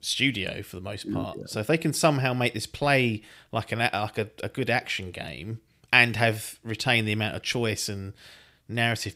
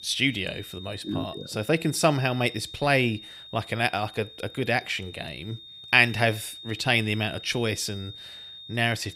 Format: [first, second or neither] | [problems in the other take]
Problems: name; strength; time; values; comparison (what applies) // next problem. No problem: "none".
first | high-pitched whine; noticeable; throughout; 3.5 kHz, 15 dB below the speech